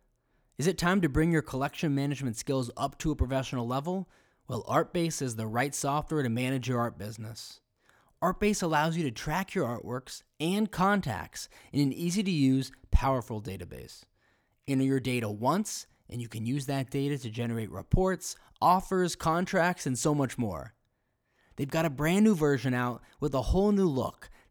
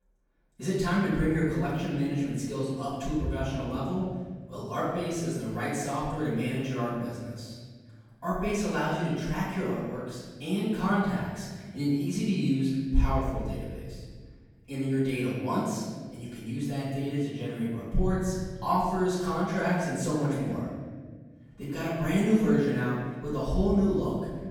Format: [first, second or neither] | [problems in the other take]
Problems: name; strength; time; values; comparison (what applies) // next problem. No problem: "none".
first | room echo; strong; dies away in 1.6 s // off-mic speech; far